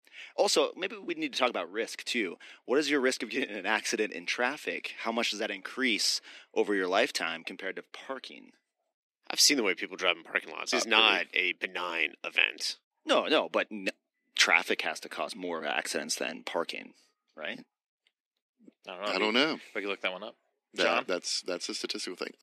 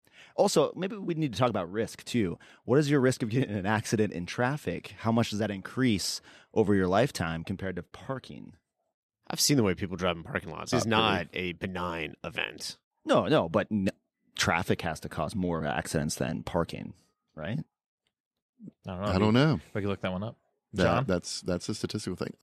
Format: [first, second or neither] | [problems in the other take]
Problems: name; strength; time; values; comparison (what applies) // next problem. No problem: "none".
second | thin; somewhat; fading below 250 Hz